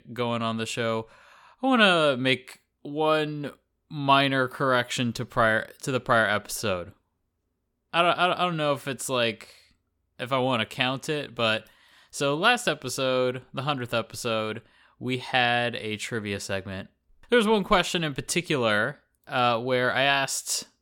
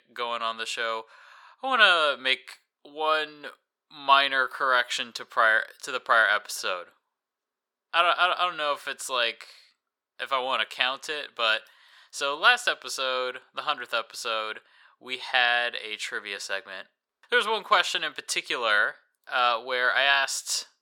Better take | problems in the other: first | thin; very; fading below 600 Hz

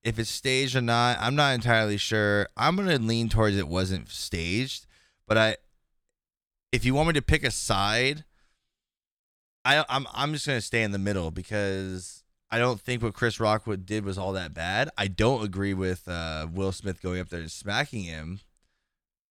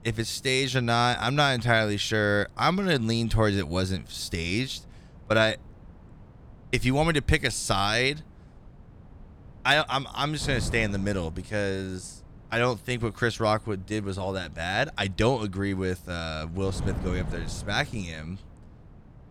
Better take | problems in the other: first | wind noise on the microphone; occasional gusts; 25 dB below the speech

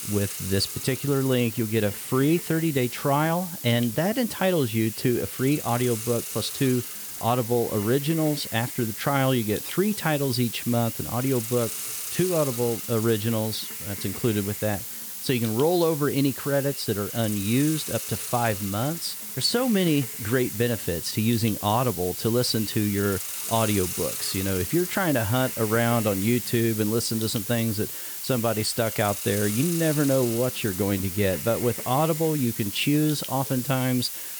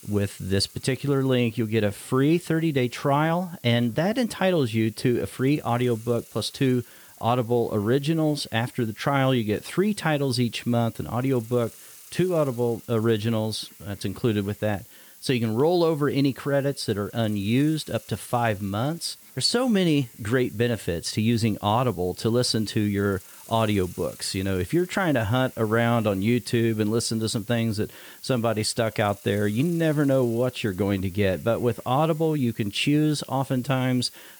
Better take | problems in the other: second | hiss; loud; throughout; 6 dB below the speech; faint in the second

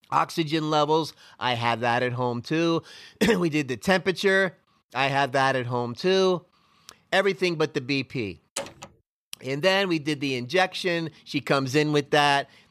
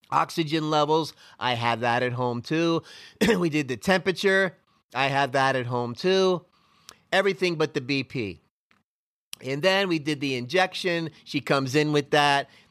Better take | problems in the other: second | door banging; faint; at 8.5 s; peak 10 dB below the speech

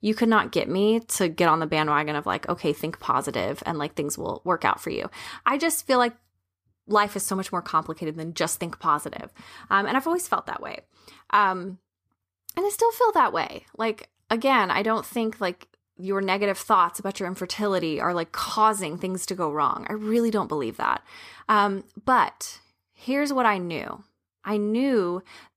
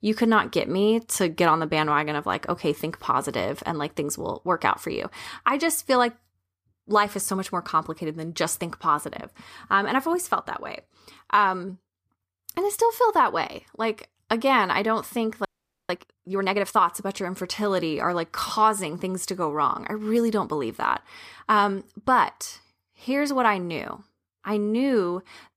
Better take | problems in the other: first | audio freezing; at 15 s

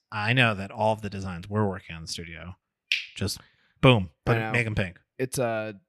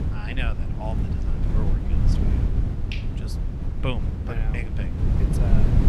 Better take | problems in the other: first | wind noise on the microphone; heavy; 1 dB below the speech

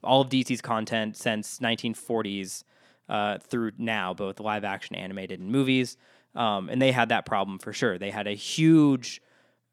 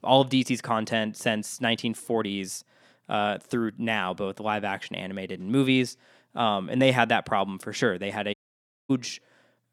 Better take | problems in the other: first | audio cutting out; at 8.5 s for 0.5 s

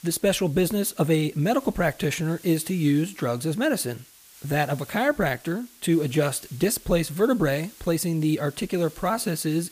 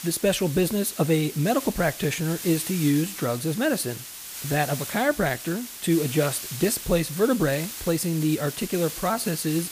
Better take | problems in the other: first | hiss; loud; throughout; 9 dB below the speech; faint in the first

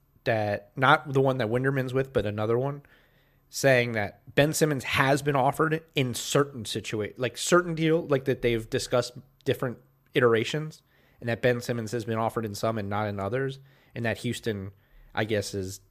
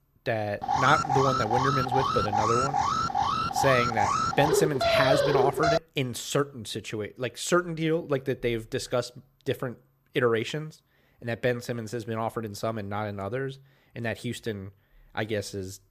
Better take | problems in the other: first | alarm; loud; from 0.5 to 6 s; peak 6 dB above the speech

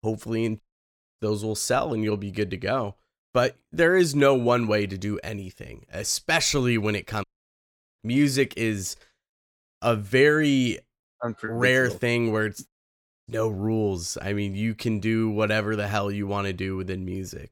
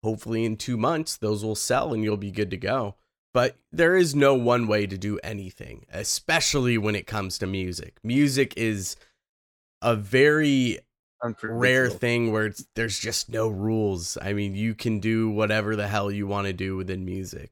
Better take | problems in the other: second | audio cutting out; at 0.5 s for 0.5 s, at 7 s for 1 s and at 13 s for 0.5 s

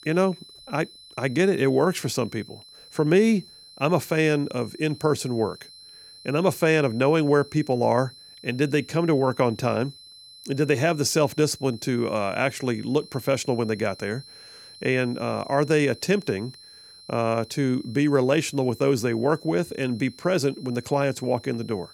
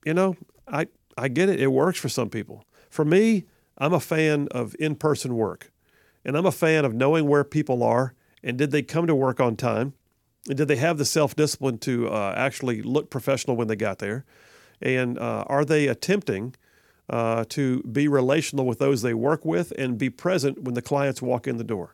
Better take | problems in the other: second | high-pitched whine; faint; throughout; 4 kHz, 20 dB below the speech

